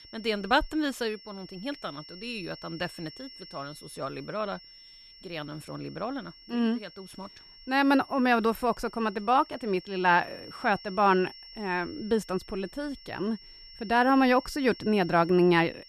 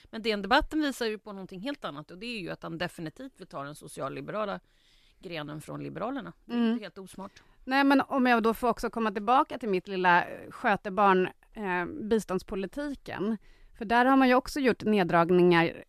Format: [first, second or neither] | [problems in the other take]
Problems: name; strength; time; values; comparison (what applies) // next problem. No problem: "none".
second | high-pitched whine; noticeable; throughout; 5.5 kHz, 20 dB below the speech